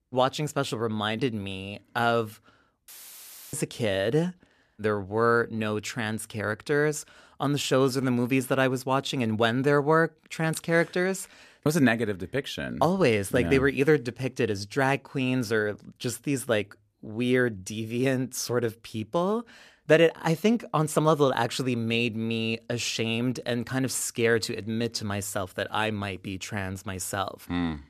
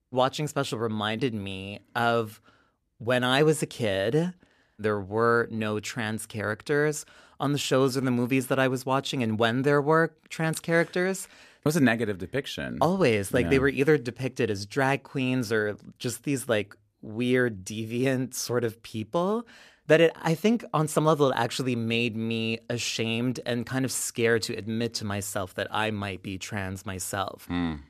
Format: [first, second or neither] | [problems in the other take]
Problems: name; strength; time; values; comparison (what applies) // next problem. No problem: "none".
second | audio cutting out; filled with static; at 3 s for 0.5 s